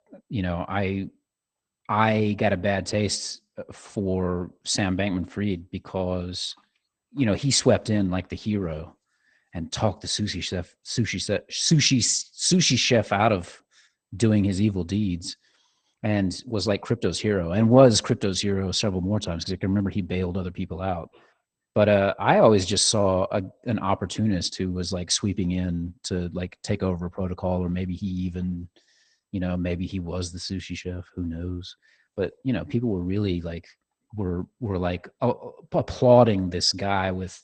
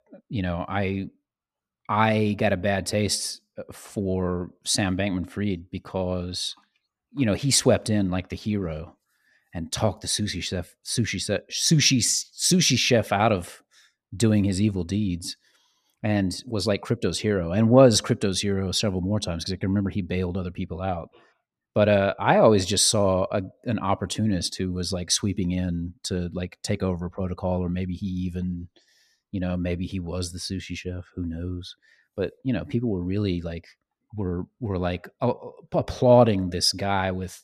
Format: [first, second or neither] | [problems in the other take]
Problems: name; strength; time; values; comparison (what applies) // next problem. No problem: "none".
second | garbled, watery; slightly; nothing above 8.5 kHz